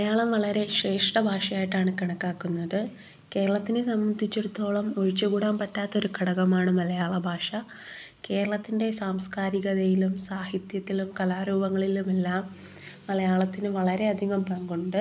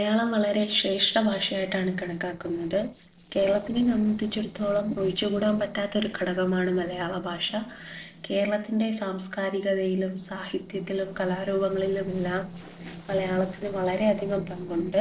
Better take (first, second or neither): first